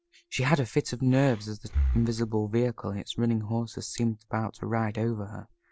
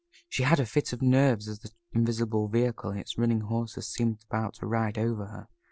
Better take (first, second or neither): second